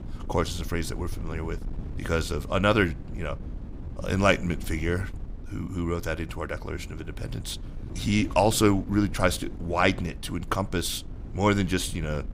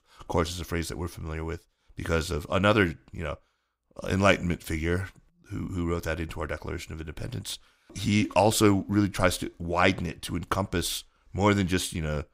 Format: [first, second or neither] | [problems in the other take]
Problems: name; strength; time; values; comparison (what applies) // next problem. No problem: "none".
second | wind noise on the microphone; occasional gusts; 20 dB below the speech